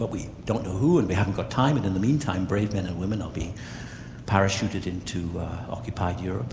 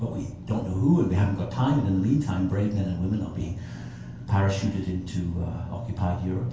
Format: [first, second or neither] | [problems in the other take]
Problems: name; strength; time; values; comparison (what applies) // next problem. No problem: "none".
first | room echo; dies away in 0.3 s